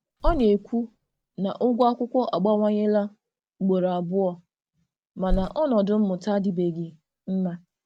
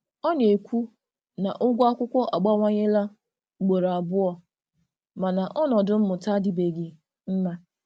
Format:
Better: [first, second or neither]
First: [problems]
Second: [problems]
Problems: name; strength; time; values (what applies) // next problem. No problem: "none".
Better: second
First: background sound (Bird); 9 dB below the speech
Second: none